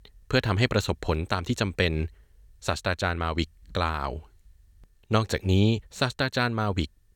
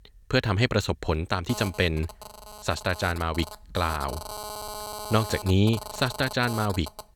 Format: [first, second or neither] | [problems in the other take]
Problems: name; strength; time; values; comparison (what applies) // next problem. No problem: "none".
first | phone ringing; noticeable; from 1.5 s on; peak 8 dB below the speech